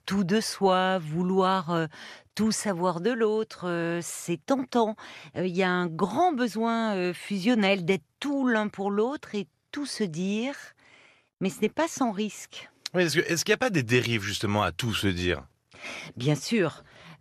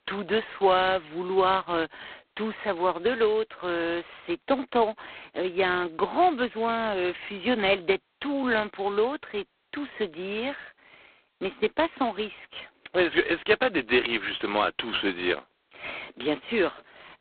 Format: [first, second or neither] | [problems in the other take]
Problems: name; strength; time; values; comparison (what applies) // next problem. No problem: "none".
first | phone-call audio; poor line; nothing above 4 kHz